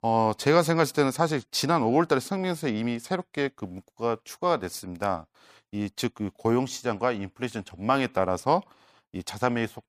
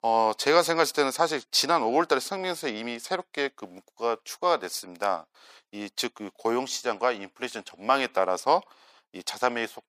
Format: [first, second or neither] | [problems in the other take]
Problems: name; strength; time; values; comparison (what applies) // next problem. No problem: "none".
first | thin; somewhat; fading below 400 Hz